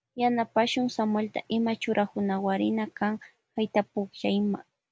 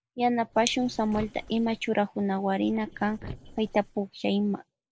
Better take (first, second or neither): first